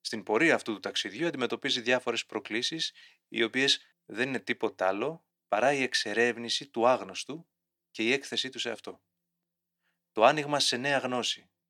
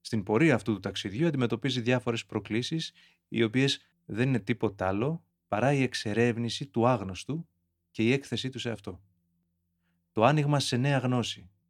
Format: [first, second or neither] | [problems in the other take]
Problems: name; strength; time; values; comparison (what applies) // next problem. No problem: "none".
second | thin; somewhat; fading below 350 Hz